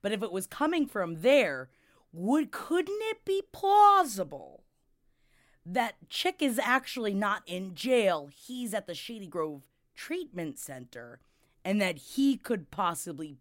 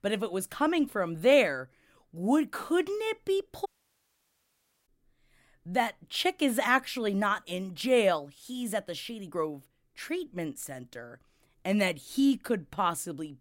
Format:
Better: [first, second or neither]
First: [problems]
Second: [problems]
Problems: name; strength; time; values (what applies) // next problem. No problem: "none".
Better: first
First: none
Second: audio cutting out; at 3.5 s for 1 s